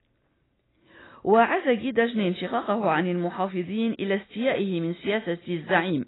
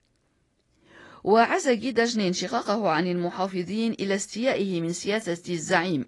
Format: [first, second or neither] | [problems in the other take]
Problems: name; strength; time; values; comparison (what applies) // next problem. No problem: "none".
second | garbled, watery; badly; nothing above 4 kHz; slightly in the second